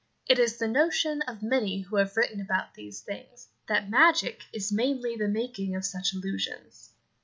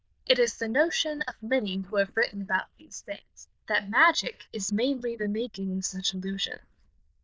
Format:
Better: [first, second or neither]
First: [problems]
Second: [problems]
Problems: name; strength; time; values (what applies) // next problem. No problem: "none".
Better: first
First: none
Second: noise reduction (neural diffusion model UNIVERSE++)